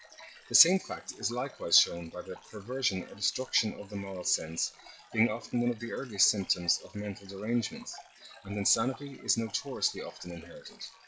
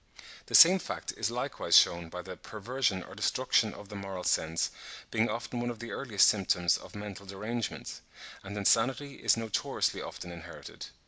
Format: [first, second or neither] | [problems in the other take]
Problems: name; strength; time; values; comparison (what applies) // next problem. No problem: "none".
second | noise reduction (classical method WPE with log-MMSE)